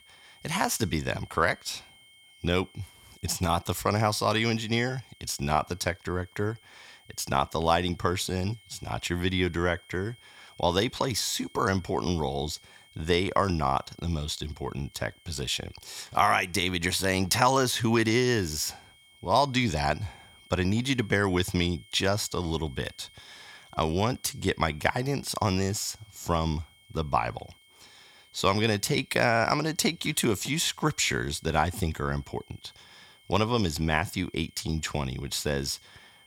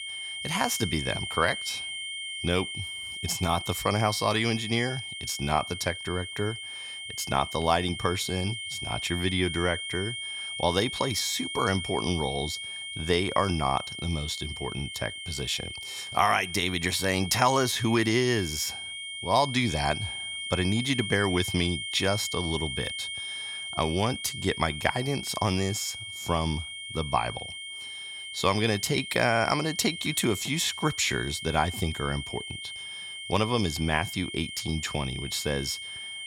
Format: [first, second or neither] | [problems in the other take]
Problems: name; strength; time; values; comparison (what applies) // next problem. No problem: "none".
first | high-pitched whine; loud; throughout; 3 kHz, 6 dB below the speech; faint in the first